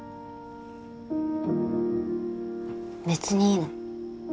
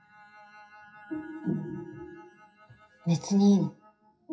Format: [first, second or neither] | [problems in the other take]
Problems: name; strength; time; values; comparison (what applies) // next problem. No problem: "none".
first | noise reduction (classical method WPE with log-MMSE)